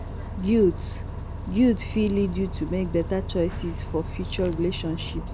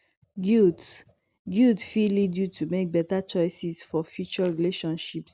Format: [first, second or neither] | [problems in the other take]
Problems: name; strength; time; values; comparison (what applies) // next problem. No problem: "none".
second | background sound (Bus); 6 dB below the speech